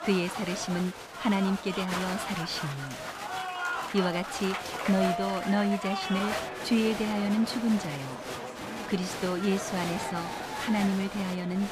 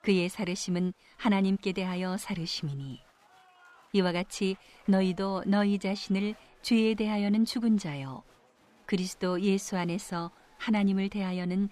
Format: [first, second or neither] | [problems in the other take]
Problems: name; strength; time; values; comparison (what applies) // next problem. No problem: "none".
second | crowd noise; loud; throughout; 5 dB below the speech; faint in the second